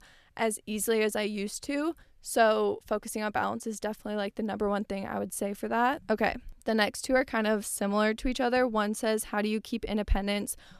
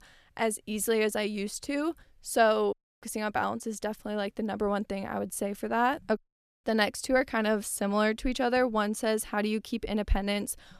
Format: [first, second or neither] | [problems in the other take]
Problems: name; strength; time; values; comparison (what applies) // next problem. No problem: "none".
first | audio cutting out; at 2.5 s and at 6 s